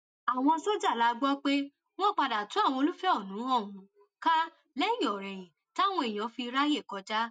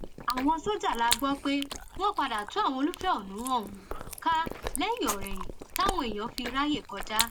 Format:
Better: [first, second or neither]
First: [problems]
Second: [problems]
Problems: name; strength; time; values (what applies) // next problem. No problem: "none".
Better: first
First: none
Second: background sound (Chewing, mastication); 6 dB below the speech